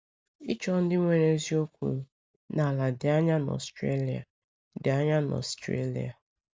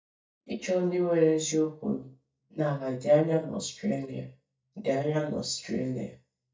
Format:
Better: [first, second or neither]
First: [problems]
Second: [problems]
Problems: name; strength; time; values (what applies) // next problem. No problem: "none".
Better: first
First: none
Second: noise reduction (neural mask model DeepFilterNet 3)